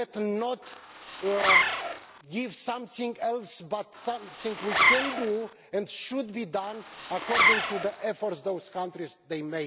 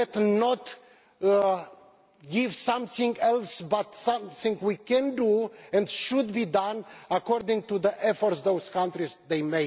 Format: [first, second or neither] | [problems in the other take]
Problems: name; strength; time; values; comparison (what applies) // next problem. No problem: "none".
second | background sound (Zipper (clothing)); 5 dB above the speech